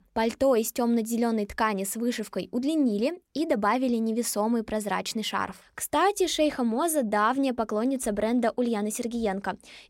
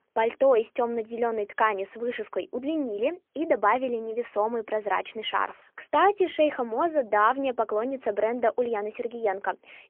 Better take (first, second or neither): first